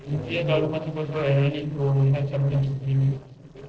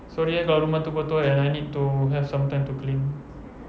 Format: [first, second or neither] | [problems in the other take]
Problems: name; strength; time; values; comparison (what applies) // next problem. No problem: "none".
second | noise reduction (neural separator model SepFormer DNS4)